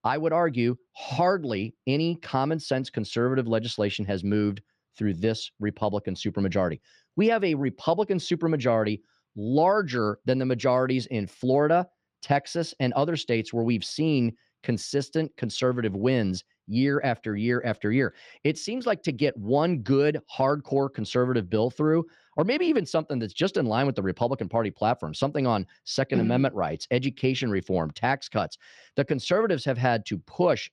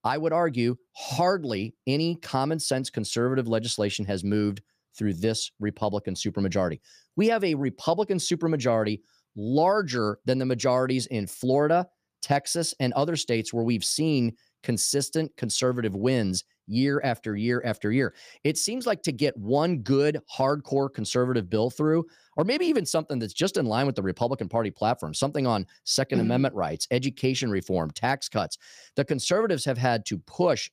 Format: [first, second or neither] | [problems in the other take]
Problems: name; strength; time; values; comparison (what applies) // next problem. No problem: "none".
second | muffled; very slightly; fading above 3 kHz